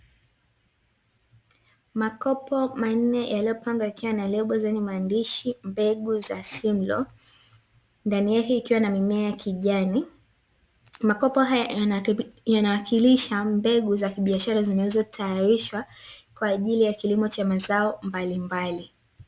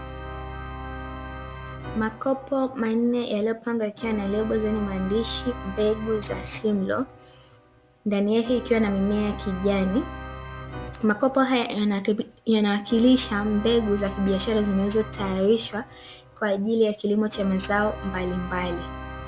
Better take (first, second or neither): first